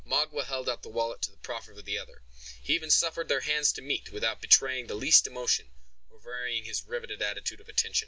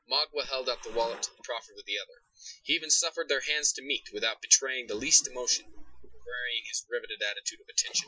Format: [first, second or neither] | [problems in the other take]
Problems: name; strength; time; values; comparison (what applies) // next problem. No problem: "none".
first | noise reduction (classical method Wiener filter)